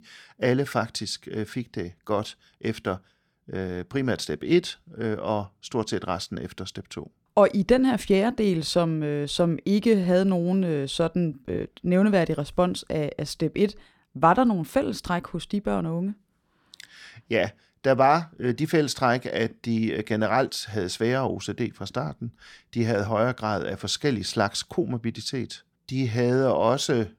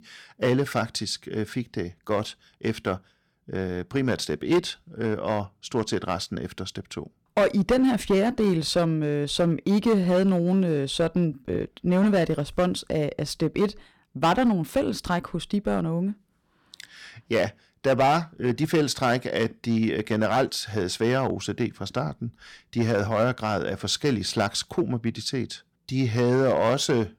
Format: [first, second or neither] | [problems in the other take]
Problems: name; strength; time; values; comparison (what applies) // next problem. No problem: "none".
first | distortion; slight; 4% of the sound clipped